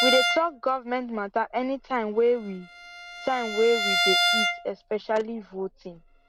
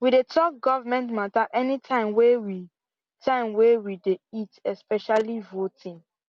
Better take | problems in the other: second | background sound (Bowed string instrument); 2 dB below the speech

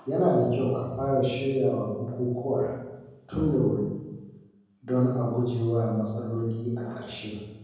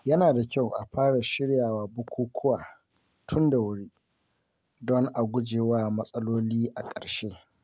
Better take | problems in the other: second | room echo; dies away in 1.3 s

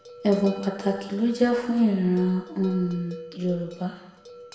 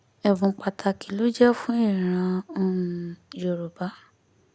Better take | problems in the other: second | background sound (Bell); 17 dB below the speech // room echo; dies away in 0.8 s

